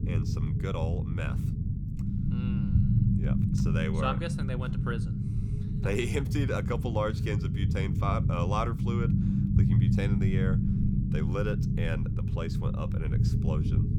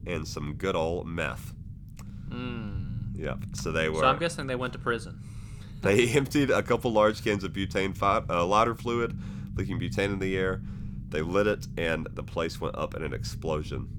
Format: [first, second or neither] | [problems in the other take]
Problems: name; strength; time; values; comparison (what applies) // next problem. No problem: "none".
second | low rumble; loud; throughout; 4 dB below the speech; faint in the second